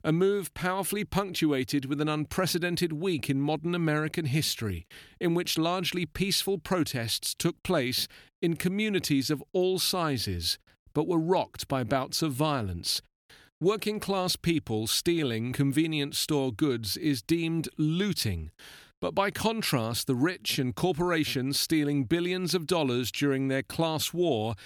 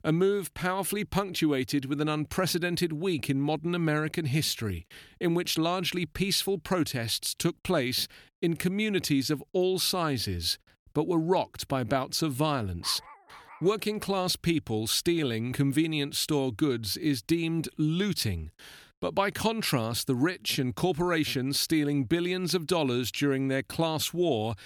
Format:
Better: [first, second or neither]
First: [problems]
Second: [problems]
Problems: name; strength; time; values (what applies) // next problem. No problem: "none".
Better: first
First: none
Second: dog barking; faint; at 13 s; peak 15 dB below the speech